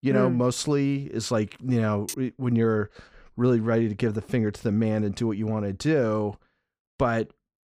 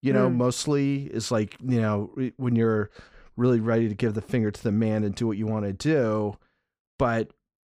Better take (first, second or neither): second